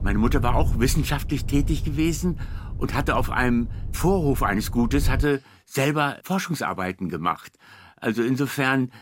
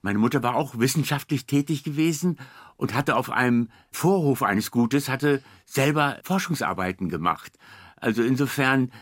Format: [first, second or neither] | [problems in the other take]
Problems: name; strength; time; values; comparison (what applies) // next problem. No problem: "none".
second | low rumble; noticeable; until 5 s; 20 dB below the speech